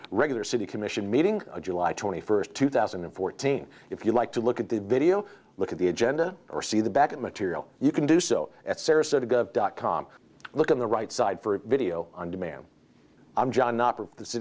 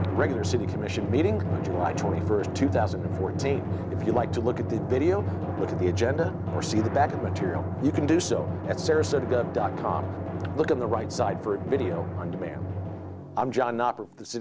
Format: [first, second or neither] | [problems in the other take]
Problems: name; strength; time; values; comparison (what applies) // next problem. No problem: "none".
first | background sound (Drum); 2 dB below the speech